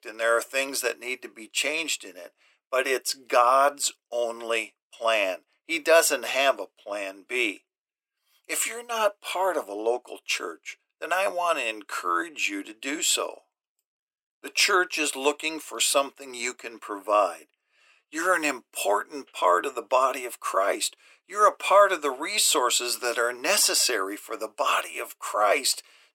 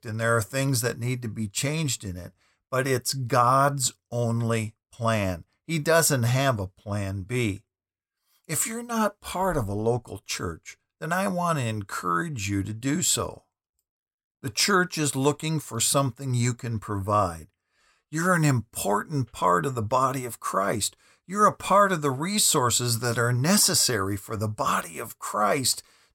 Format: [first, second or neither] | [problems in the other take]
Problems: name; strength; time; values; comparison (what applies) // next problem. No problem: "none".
second | thin; very; fading below 300 Hz